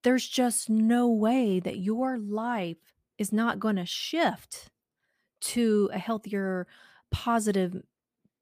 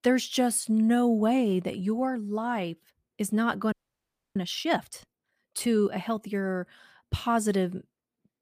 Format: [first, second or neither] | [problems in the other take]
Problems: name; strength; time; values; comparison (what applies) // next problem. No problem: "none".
first | audio freezing; at 3.5 s for 0.5 s